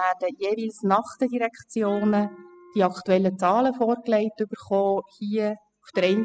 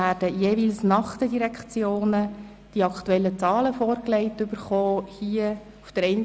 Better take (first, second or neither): second